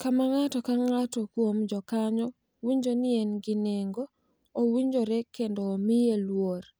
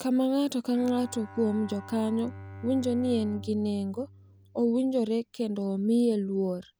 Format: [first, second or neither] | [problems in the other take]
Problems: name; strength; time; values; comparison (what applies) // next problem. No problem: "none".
first | background sound (Bowed string instrument); 18 dB below the speech